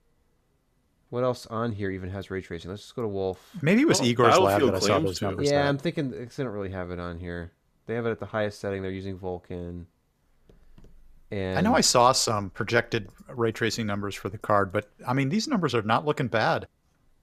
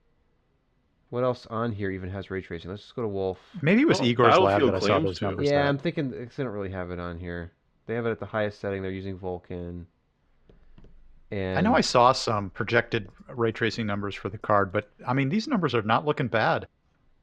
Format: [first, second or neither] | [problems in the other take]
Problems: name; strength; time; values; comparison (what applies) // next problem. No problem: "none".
first | muffled; very slightly; fading above 3.5 kHz